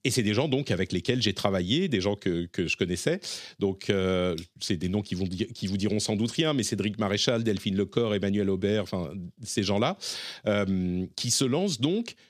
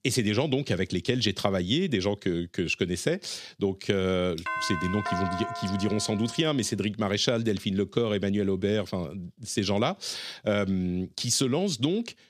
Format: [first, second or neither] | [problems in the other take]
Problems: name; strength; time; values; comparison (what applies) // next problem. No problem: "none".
first | doorbell; noticeable; from 4.5 to 6.5 s; peak 3 dB below the speech